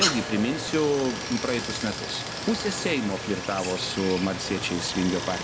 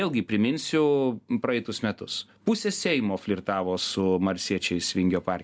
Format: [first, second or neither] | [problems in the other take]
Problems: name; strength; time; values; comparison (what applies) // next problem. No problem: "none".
second | background sound (Stream); 4 dB below the speech